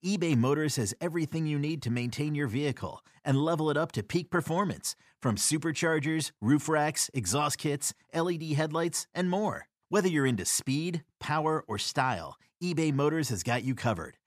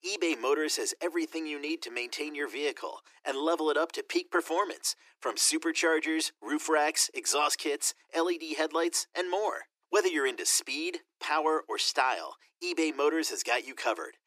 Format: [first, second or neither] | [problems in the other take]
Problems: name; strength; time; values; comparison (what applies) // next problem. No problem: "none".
first | thin; very; fading below 300 Hz